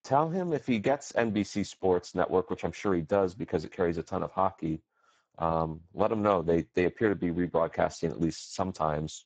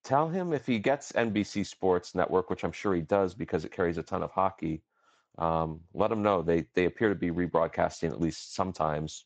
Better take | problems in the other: second | garbled, watery; badly; nothing above 7.5 kHz; slightly in the second

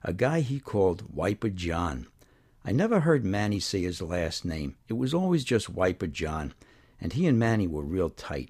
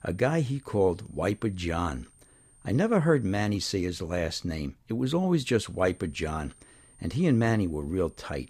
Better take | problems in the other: first | high-pitched whine; faint; until 3.5 s and from 5.5 s on; 8.5 kHz, 30 dB below the speech

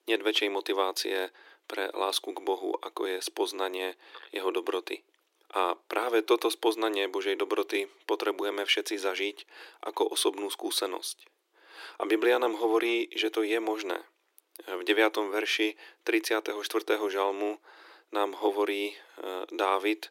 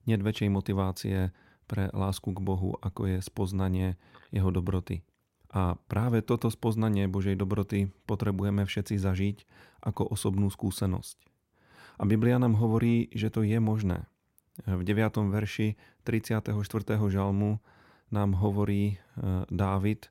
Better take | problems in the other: second | thin; very; fading below 300 Hz

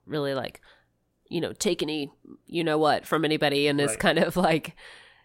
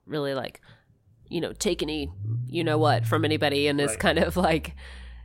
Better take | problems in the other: first | low rumble; faint; throughout; 20 dB below the speech

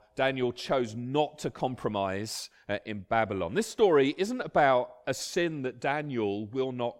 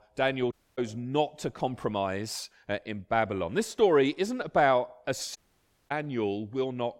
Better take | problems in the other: first | audio cutting out; at 0.5 s and at 5.5 s for 0.5 s

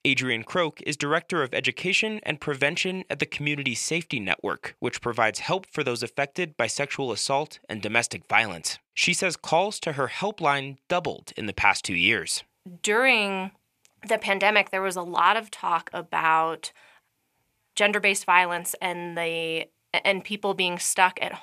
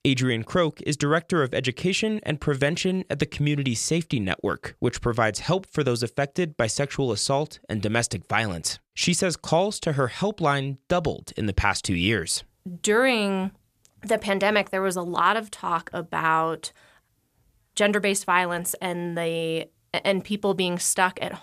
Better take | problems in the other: second | thin; very slightly; fading below 550 Hz

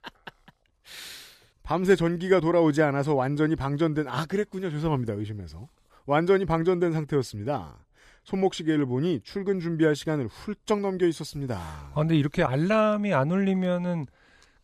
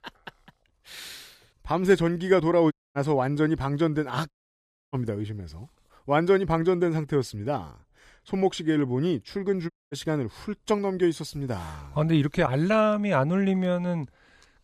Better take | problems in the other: first | audio cutting out; at 2.5 s, at 4.5 s for 0.5 s and at 9.5 s

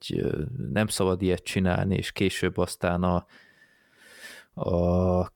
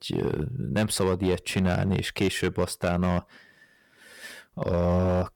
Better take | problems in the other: first | distortion; slight; 5% of the sound clipped

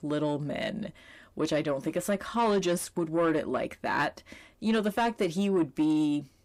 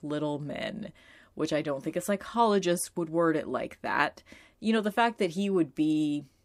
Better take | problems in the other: second | distortion; slight; 10 dB below the speech

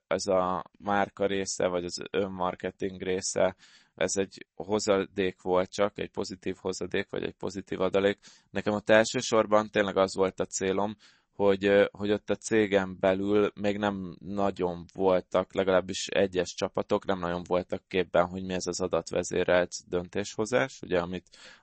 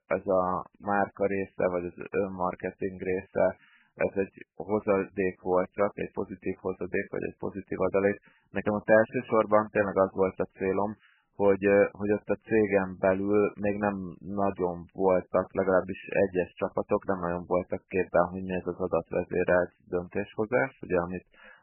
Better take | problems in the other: first | garbled, watery; badly; nothing above 2.5 kHz; slightly in the first

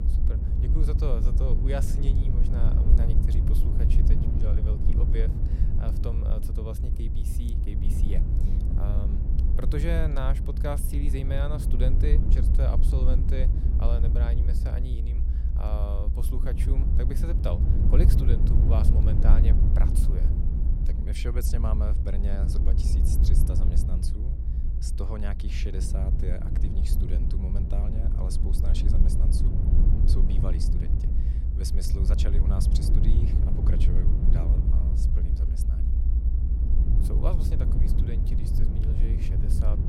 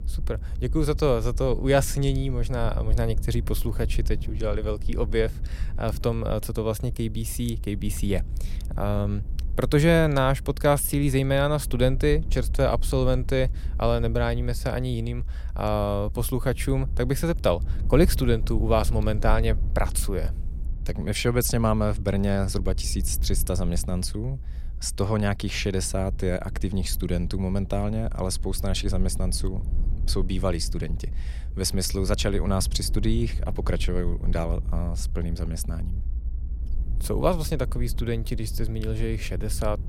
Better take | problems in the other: second | low rumble; loud; throughout; 2 dB below the speech; faint in the second

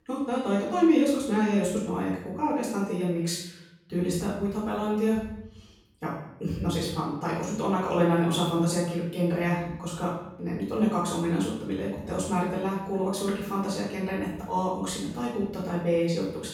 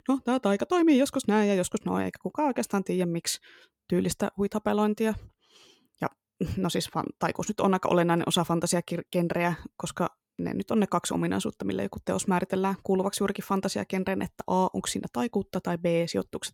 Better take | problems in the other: second | off-mic speech; far // room echo; noticeable; dies away in 0.8 s

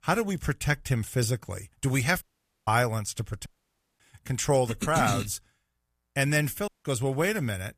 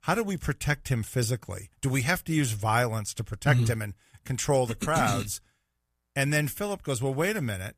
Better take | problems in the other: second | audio cutting out; at 2 s, at 3.5 s for 0.5 s and at 6.5 s

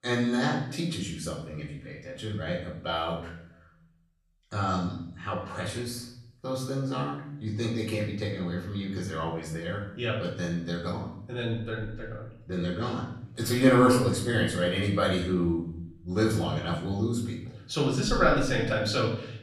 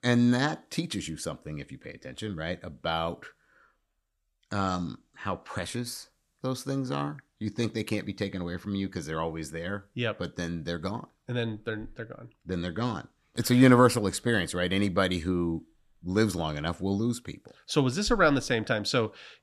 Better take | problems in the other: second | off-mic speech; far // room echo; noticeable; dies away in 0.7 s

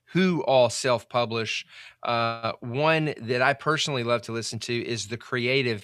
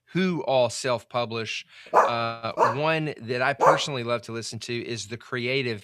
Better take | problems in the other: first | dog barking; loud; from 2 to 4 s; peak 6 dB above the speech

